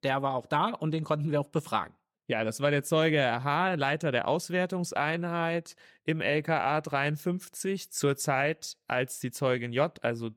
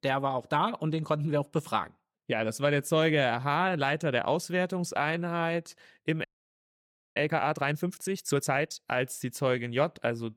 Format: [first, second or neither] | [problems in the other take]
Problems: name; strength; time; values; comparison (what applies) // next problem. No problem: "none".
first | audio freezing; at 6.5 s for 1 s